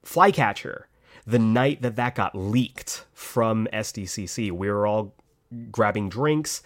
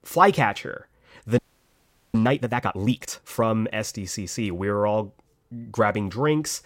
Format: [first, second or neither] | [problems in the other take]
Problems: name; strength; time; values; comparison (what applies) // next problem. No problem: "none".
first | audio freezing; at 1.5 s for 1 s